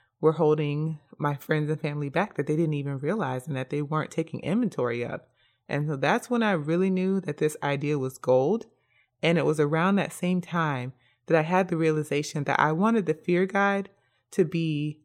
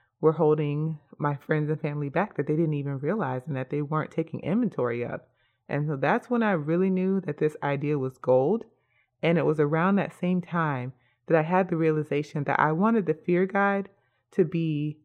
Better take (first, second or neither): first